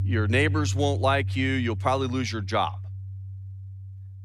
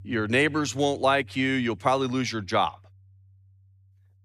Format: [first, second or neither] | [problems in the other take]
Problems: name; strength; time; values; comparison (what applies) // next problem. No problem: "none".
second | background music; loud; throughout; 5 dB below the speech; faint in the second